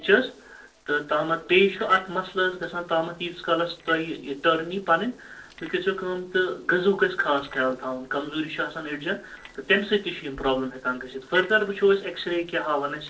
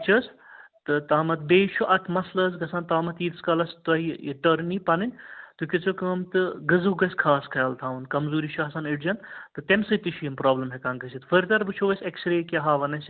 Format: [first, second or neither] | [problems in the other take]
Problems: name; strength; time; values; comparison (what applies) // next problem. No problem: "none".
second | noise reduction (neural separator model SepFormer DNS4)